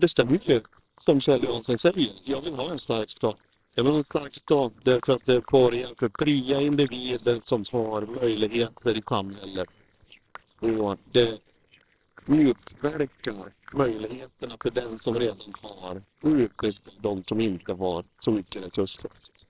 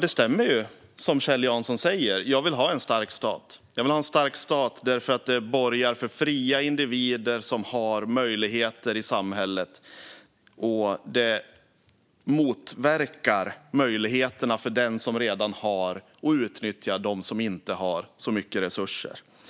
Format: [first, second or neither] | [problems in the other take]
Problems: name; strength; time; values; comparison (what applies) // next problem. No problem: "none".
second | noise reduction (neural separator model SepFormer WHAMR!)